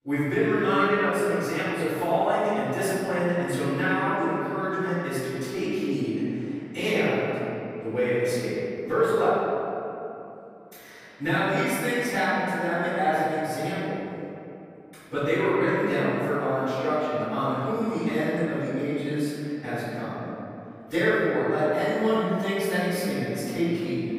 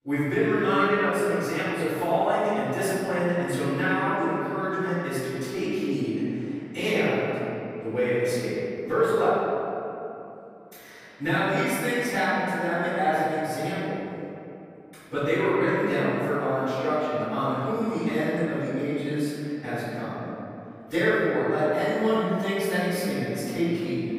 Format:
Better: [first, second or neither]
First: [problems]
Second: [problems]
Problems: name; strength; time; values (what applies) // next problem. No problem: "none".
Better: neither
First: off-mic speech; far // room echo; strong; dies away in 2.8 s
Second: off-mic speech; far // room echo; strong; dies away in 2.8 s